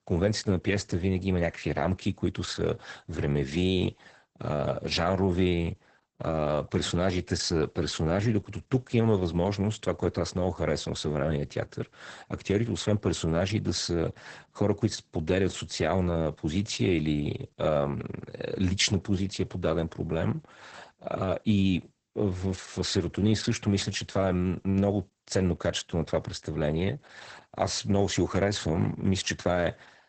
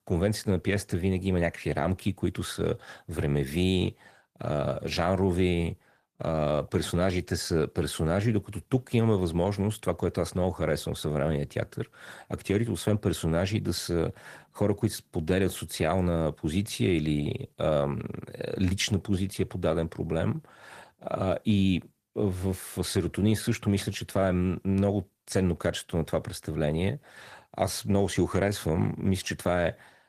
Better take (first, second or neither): second